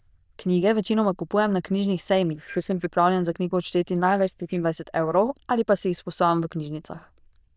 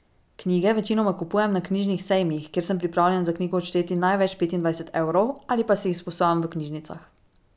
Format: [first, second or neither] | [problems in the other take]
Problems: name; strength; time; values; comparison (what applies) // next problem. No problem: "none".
second | noise reduction (neural diffusion model UNIVERSE++)